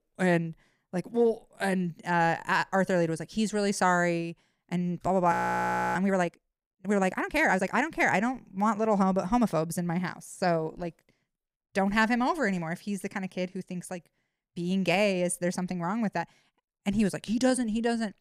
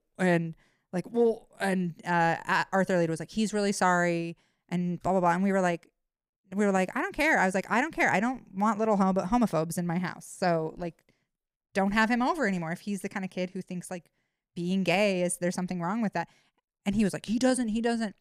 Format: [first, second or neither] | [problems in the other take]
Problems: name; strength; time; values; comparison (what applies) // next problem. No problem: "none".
second | audio freezing; at 5.5 s for 0.5 s